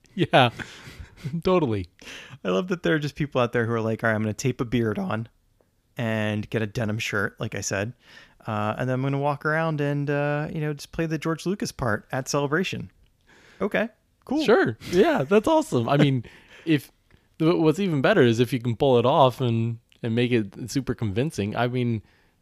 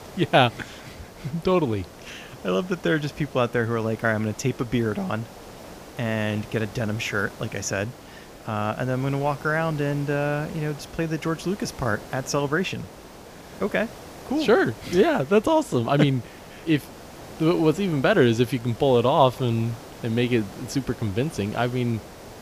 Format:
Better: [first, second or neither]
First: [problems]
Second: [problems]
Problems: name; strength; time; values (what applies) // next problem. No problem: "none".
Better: first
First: none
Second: hiss; noticeable; throughout; 20 dB below the speech